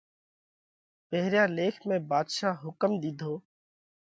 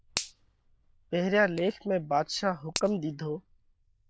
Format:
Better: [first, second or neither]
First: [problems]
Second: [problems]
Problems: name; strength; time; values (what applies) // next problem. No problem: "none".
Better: first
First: none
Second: noise reduction (neural diffusion model UNIVERSE++)